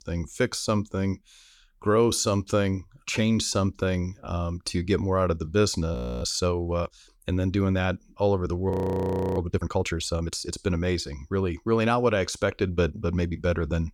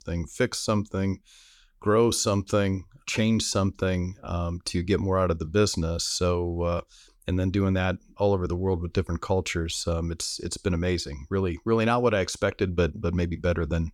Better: second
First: audio freezing; at 6 s and at 8.5 s for 0.5 s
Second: none

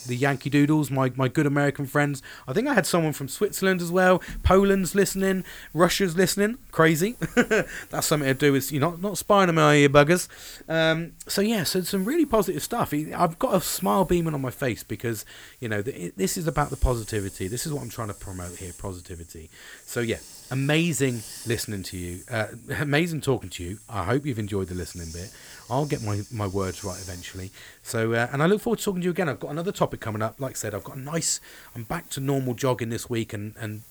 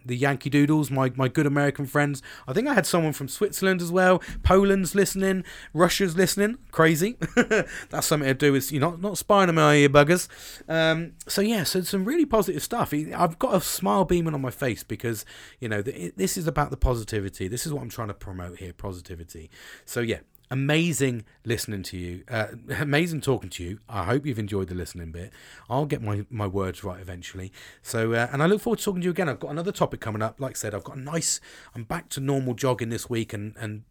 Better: second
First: hiss; faint; throughout; 20 dB below the speech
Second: none

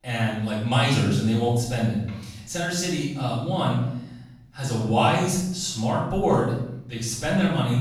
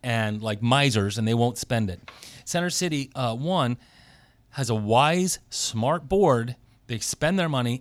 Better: second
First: off-mic speech; far // room echo; noticeable; dies away in 0.8 s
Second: none

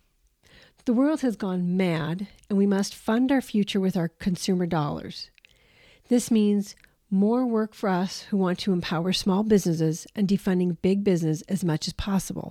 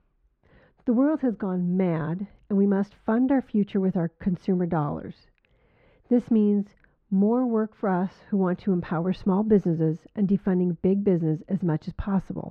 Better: first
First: none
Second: muffled; very; fading above 3.5 kHz

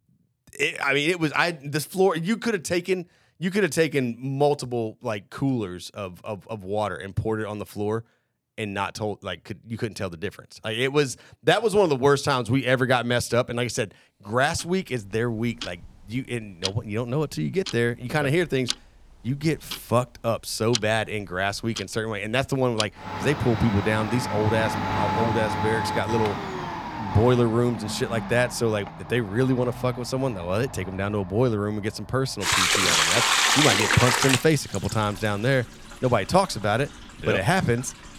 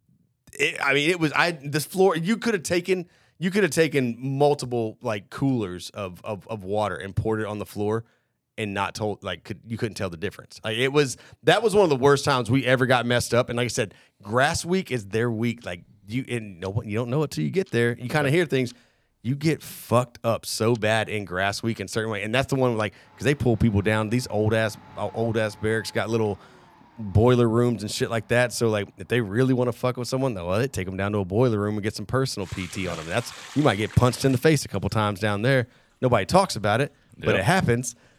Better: second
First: household noises; loud; from 15 s on; as loud as the speech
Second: household noises; faint; from 15 s on; 25 dB below the speech

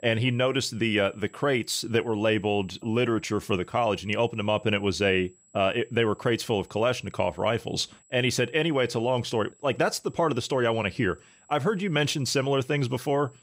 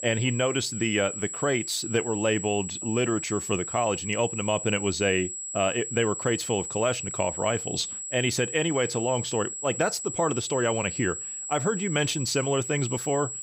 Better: first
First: high-pitched whine; faint; throughout; 7.5 kHz, 30 dB below the speech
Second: high-pitched whine; loud; throughout; 7.5 kHz, 6 dB below the speech

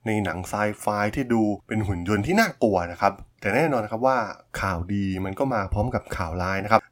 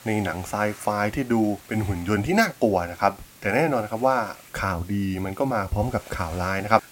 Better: first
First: none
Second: hiss; faint; throughout; 20 dB below the speech

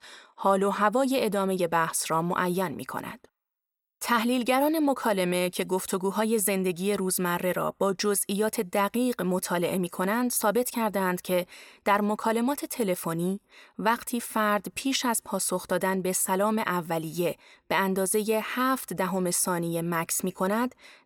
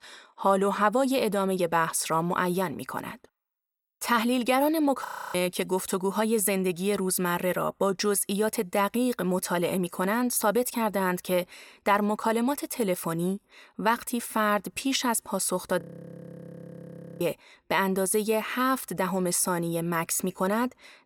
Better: first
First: none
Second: audio freezing; at 5 s and at 16 s for 1.5 s

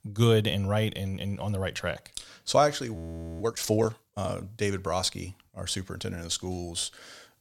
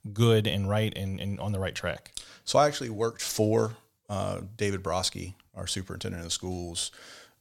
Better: second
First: audio freezing; at 3 s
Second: none

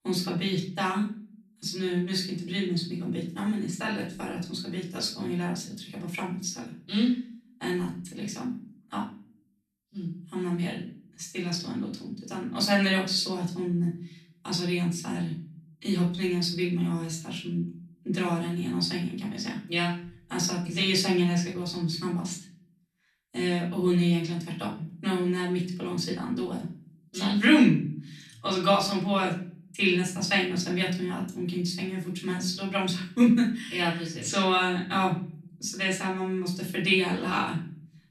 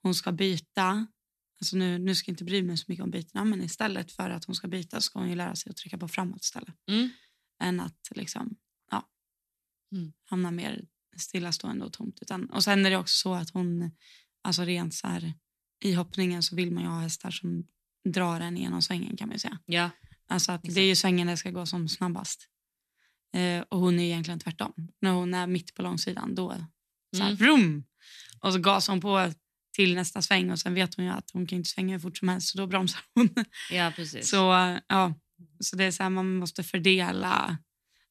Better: second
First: room echo; slight; dies away in 0.5 s // off-mic speech; far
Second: none

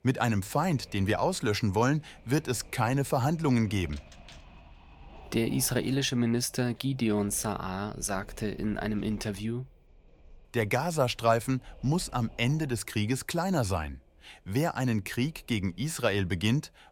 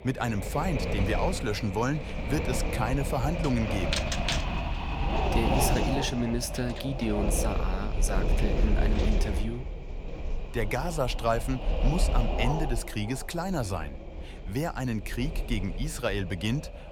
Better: first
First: wind noise on the microphone; occasional gusts; 25 dB below the speech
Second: wind noise on the microphone; heavy; 1 dB below the speech

